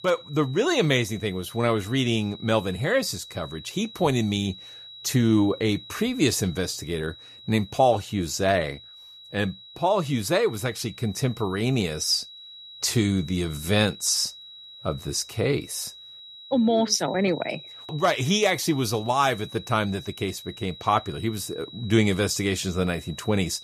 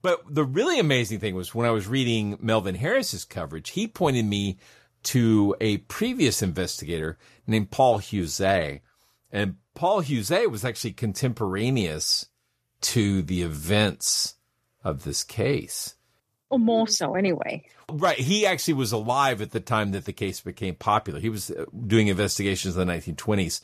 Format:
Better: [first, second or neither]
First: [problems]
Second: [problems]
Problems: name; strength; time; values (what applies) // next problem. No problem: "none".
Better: second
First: high-pitched whine; noticeable; throughout; 4 kHz, 15 dB below the speech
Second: none